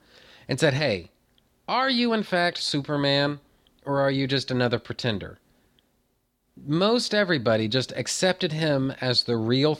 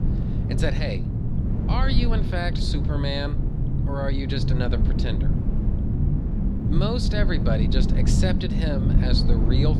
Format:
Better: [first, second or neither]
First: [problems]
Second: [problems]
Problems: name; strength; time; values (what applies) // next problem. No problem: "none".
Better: first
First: none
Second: low rumble; loud; throughout; 4 dB below the speech